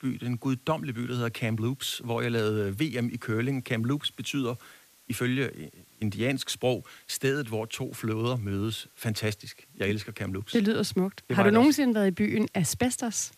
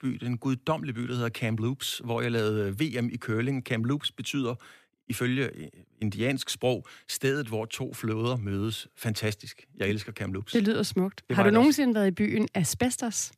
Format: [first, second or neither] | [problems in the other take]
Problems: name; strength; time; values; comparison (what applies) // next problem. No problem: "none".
second | hiss; faint; throughout; 30 dB below the speech